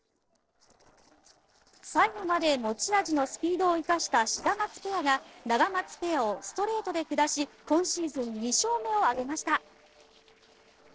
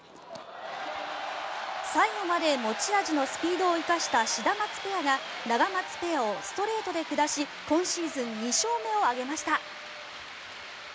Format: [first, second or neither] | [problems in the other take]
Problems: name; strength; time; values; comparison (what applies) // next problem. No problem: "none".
second | noise reduction (neural separator model SepFormer DNS4)